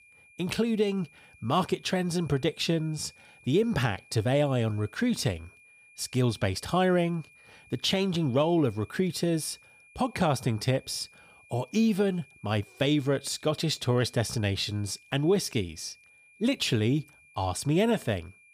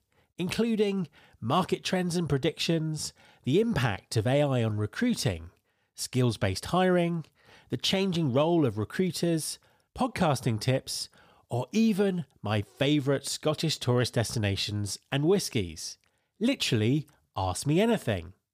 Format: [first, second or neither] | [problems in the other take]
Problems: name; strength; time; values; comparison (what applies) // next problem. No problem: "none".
second | high-pitched whine; faint; throughout; 2.5 kHz, 25 dB below the speech